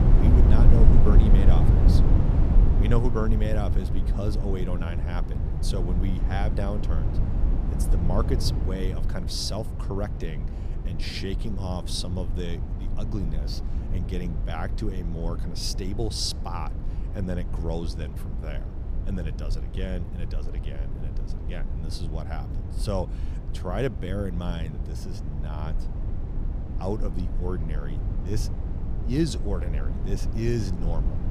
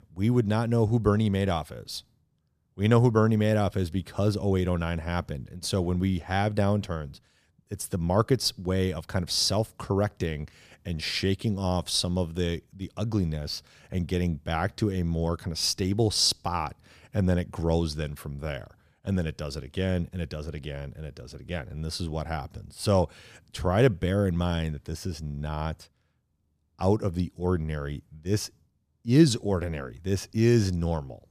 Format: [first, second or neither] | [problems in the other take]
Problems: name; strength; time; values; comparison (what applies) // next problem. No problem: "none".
second | low rumble; loud; throughout; 5 dB below the speech